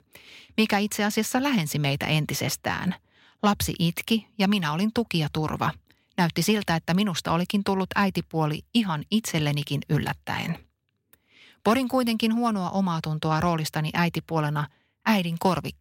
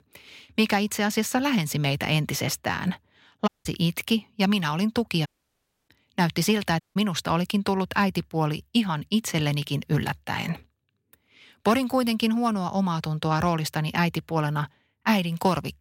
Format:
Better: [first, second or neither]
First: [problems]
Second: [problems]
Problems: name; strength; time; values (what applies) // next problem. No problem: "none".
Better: first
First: none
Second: audio cutting out; at 3.5 s, at 5.5 s for 0.5 s and at 7 s